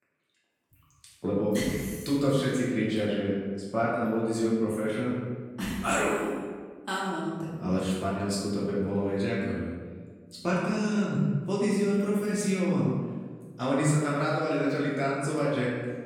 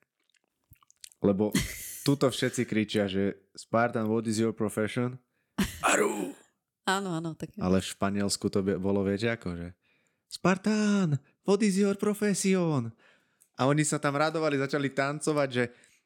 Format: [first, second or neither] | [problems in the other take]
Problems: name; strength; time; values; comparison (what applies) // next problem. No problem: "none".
second | room echo; strong; dies away in 1.4 s // off-mic speech; far